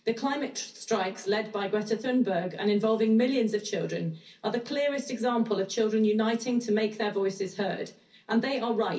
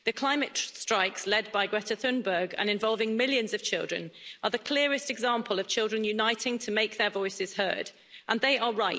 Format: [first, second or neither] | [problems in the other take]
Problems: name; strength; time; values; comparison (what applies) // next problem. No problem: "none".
second | room echo; dies away in 0.3 s